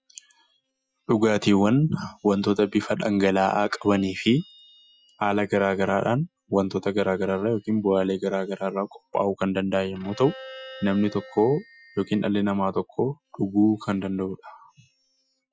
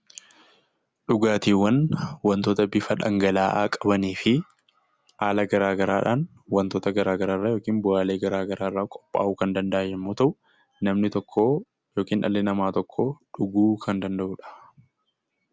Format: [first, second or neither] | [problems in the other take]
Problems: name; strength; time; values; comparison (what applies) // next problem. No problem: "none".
second | noise reduction (classical method Wiener filter)